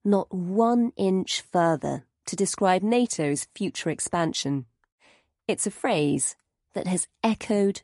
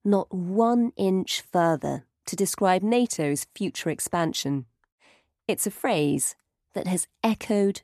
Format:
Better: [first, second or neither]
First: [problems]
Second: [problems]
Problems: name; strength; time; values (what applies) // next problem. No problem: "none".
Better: second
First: garbled, watery; slightly; nothing above 11 kHz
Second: none